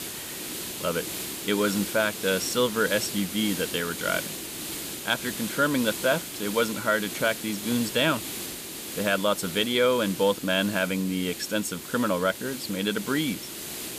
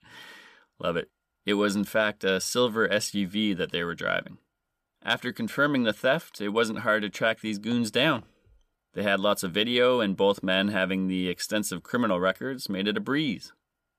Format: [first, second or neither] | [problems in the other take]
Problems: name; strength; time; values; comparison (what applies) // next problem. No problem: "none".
second | hiss; loud; throughout; 7 dB below the speech